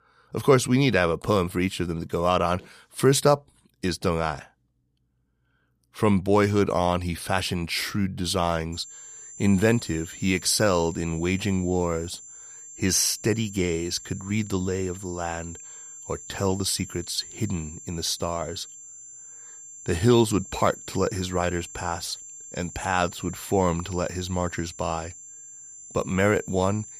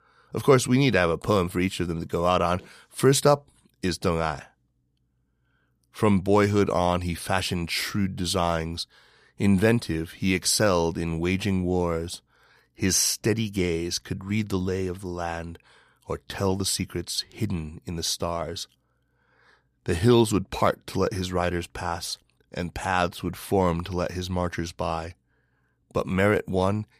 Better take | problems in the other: second | high-pitched whine; noticeable; from 8.5 s on; 7.5 kHz, 15 dB below the speech

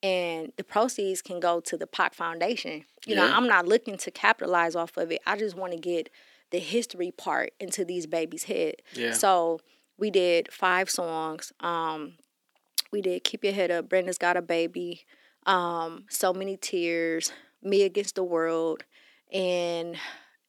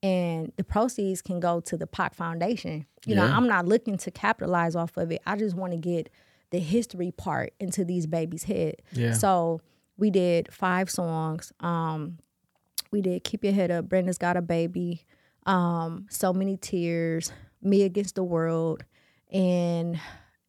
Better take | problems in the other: second | thin; somewhat; fading below 300 Hz

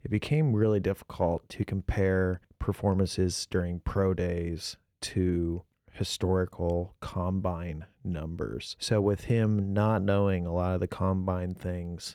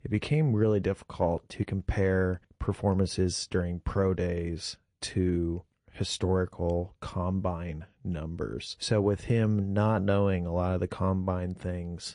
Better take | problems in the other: first | garbled, watery; slightly; nothing above 10 kHz

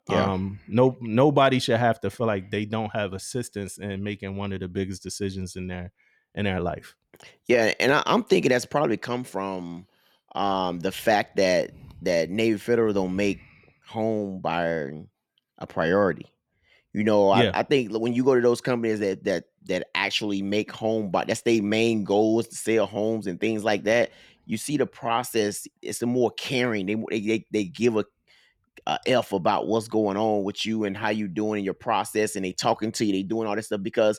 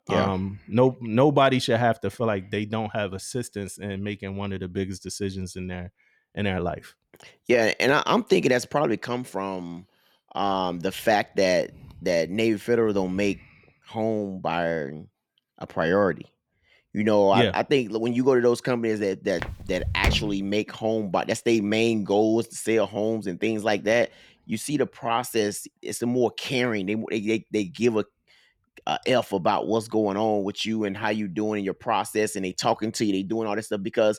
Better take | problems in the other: first | footsteps; noticeable; at 19 s; peak 2 dB below the speech

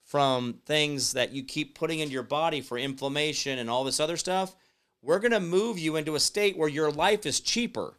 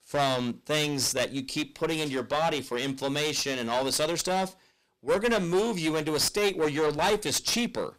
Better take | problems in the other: first | distortion; heavy; 14% of the sound clipped

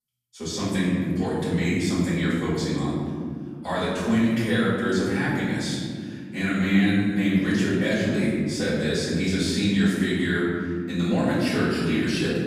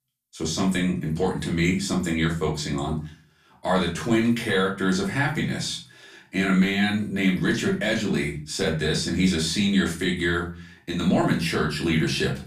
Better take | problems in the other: second | room echo; strong; dies away in 2.5 s; slight in the second // off-mic speech; far; far in the second

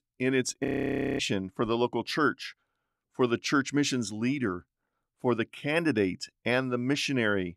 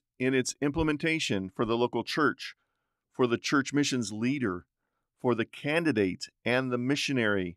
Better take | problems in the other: second | audio freezing; at 0.5 s for 0.5 s

